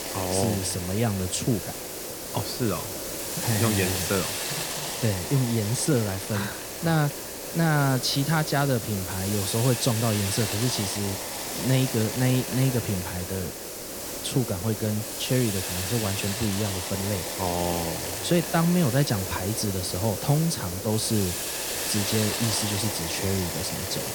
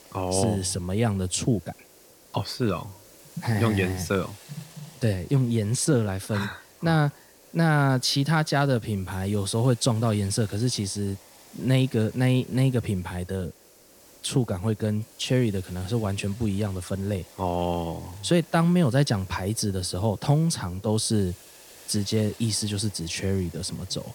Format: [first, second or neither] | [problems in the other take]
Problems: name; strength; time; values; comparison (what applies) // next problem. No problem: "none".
second | hiss; loud; throughout; 3 dB below the speech; faint in the second